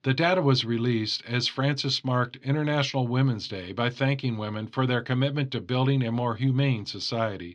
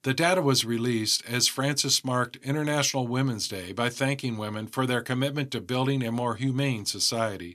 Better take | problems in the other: second | muffled; very slightly; fading above 4 kHz

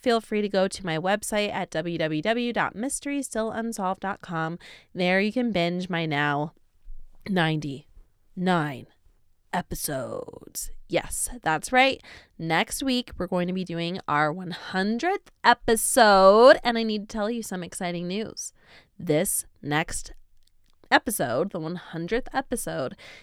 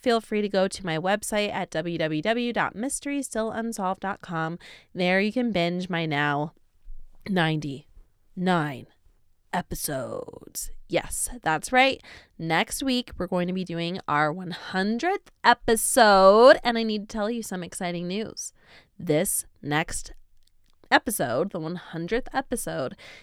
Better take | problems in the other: neither | none

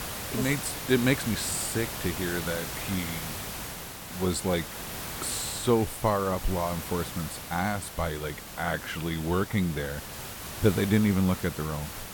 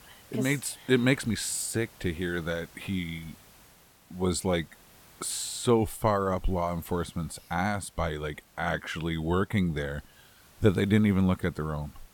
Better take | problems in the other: second | hiss; loud; throughout; 7 dB below the speech; faint in the second

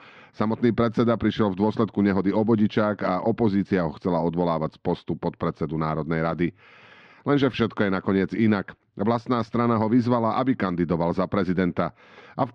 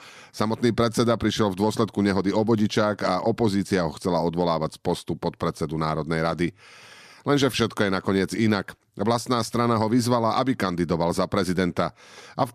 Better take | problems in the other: second | muffled; slightly; fading above 3 kHz

